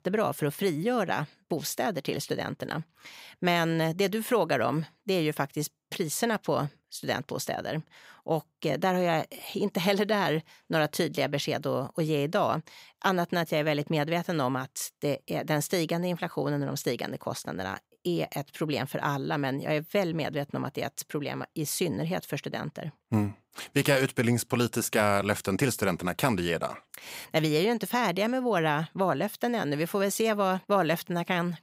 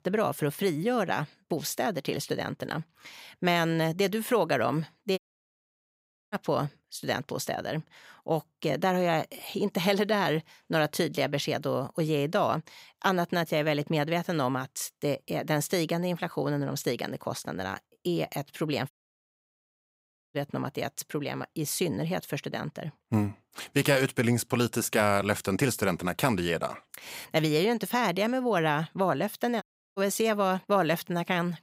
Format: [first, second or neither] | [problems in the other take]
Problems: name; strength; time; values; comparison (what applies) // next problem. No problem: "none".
first | audio cutting out; at 5 s for 1 s, at 19 s for 1.5 s and at 30 s